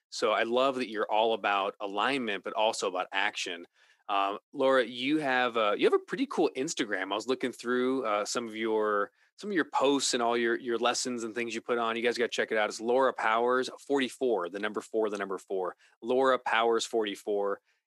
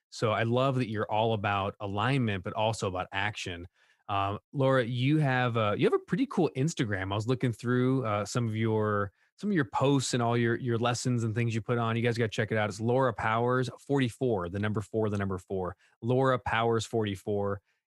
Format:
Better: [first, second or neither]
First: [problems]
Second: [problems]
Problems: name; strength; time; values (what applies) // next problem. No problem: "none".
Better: second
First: thin; somewhat; fading below 300 Hz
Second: none